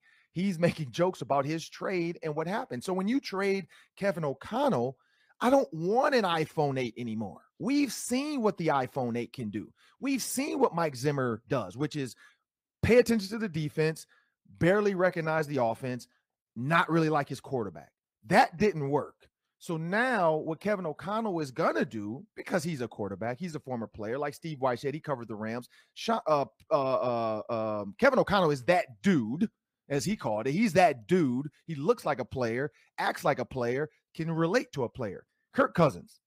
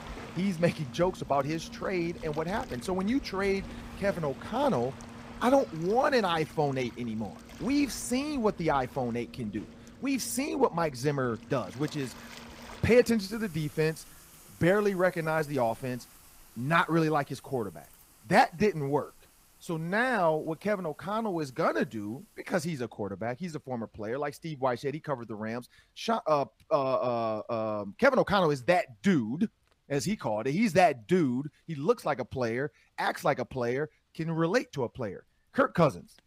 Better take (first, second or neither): first